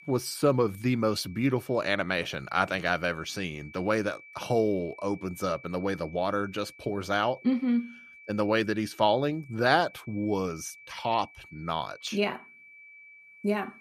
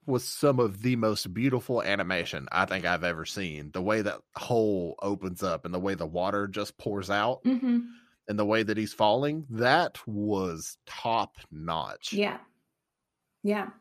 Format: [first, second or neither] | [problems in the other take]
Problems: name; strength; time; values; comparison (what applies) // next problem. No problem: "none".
second | high-pitched whine; faint; throughout; 2.5 kHz, 20 dB below the speech